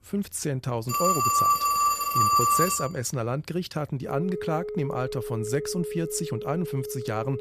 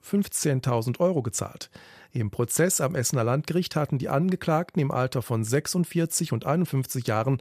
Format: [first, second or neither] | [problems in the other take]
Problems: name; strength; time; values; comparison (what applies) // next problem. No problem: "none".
second | alarms or sirens; very loud; throughout; 4 dB above the speech